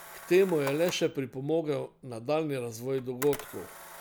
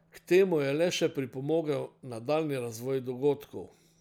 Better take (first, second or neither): second